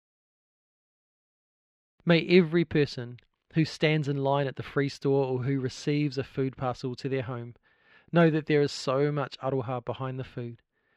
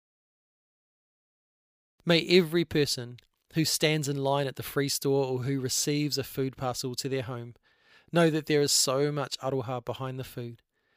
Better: second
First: muffled; slightly; fading above 2.5 kHz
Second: none

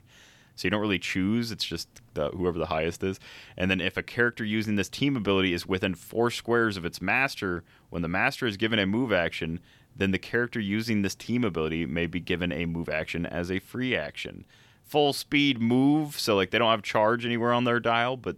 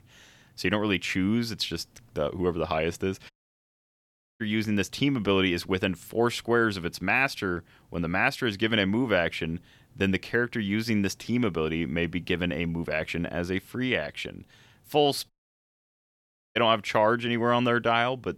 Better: first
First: none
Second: audio cutting out; at 3.5 s for 1 s and at 15 s for 1.5 s

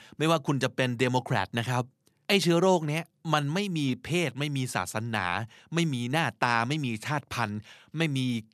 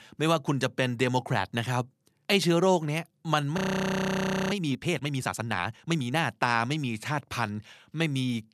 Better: first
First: none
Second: audio freezing; at 3.5 s for 1 s

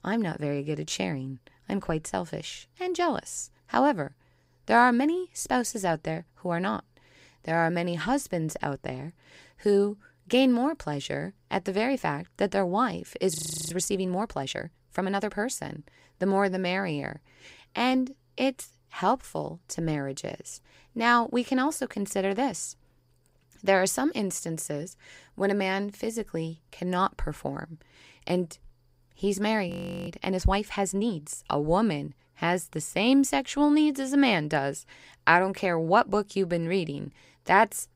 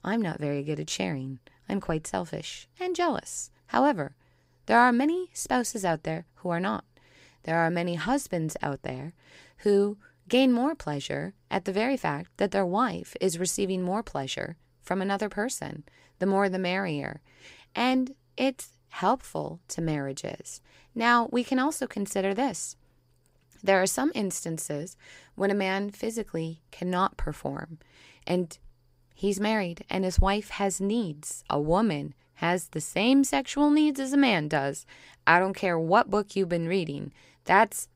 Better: second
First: audio freezing; at 13 s and at 30 s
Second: none

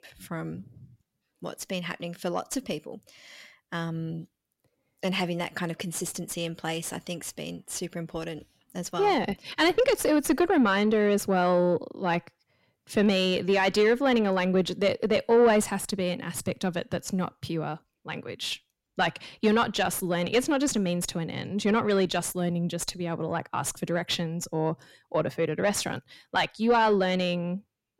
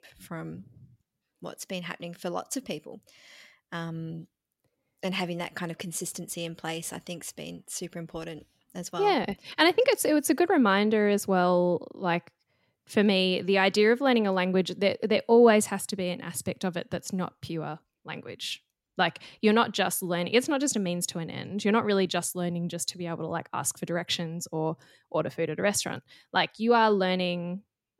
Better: second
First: distortion; slight; 10 dB below the speech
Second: none

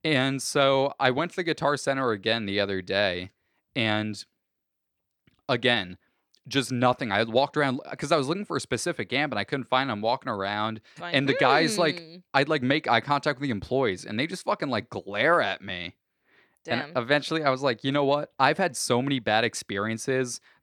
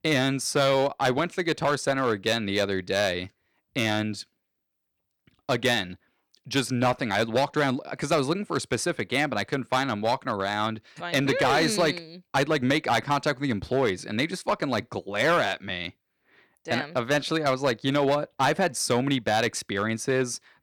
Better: first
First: none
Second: distortion; slight; 4% of the sound clipped

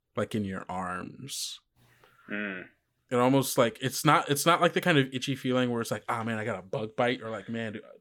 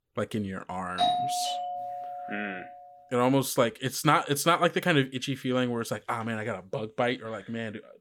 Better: first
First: none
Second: doorbell; loud; from 1 to 2.5 s; peak 2 dB above the speech

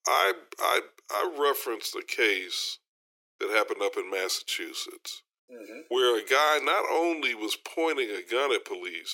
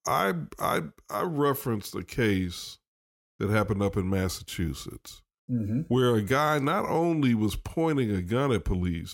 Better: second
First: thin; very; fading below 350 Hz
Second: none

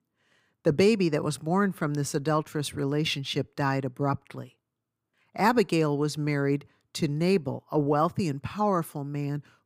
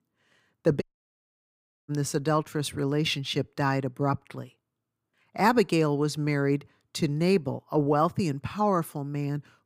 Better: first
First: none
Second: audio cutting out; at 1 s for 1 s

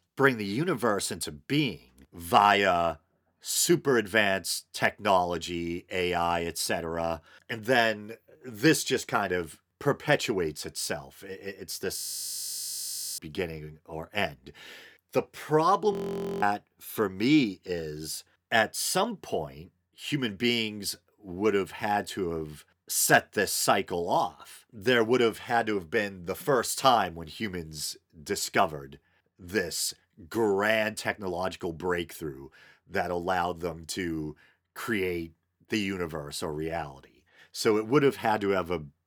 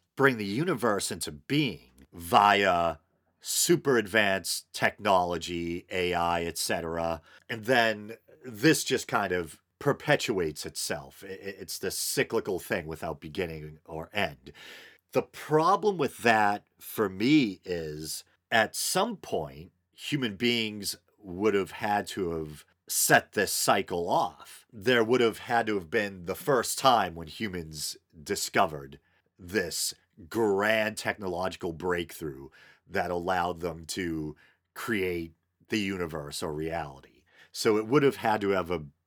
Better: second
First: audio freezing; at 12 s for 1 s and at 16 s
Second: none

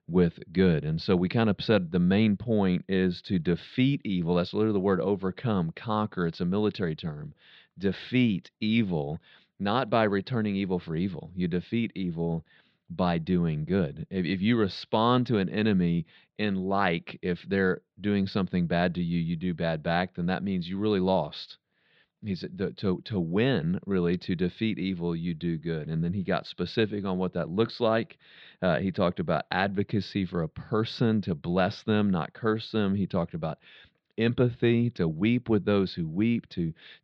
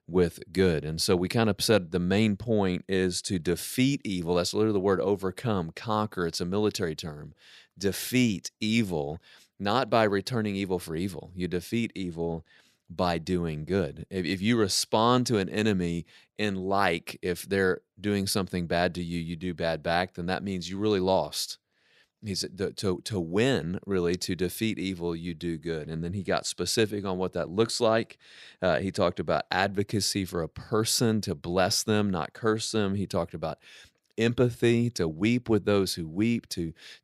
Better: second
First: muffled; slightly; fading above 4 kHz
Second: none

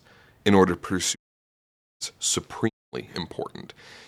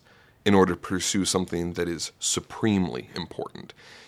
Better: second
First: audio cutting out; at 1 s for 1 s and at 2.5 s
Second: none

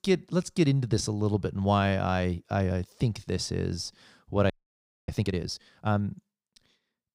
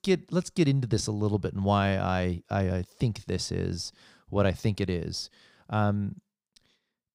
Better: second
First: audio freezing; at 4.5 s for 0.5 s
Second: none

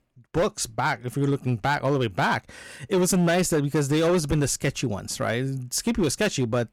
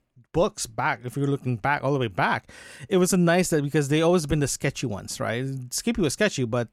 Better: second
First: distortion; slight; 9% of the sound clipped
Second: none

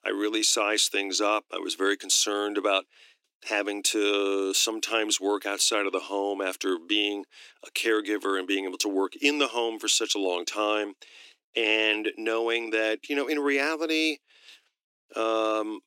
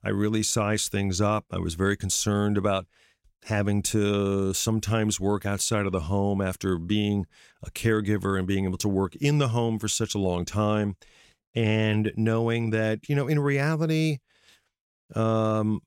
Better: second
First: thin; somewhat; fading below 300 Hz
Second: none

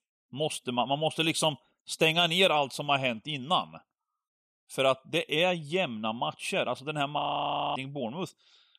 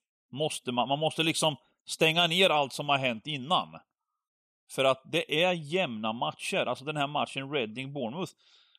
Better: second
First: audio freezing; at 7 s for 0.5 s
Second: none

